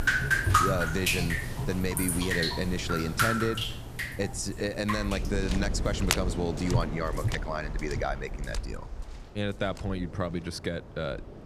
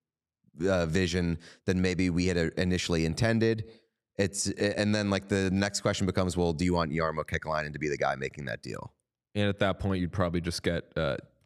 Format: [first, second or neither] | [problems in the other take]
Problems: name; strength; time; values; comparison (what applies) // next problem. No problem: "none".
second | rain or running water; very loud; throughout; 2 dB above the speech